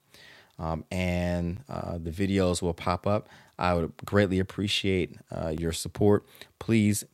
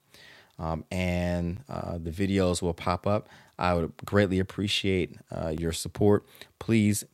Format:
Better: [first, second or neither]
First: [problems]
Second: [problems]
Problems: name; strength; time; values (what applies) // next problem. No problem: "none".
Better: neither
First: none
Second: none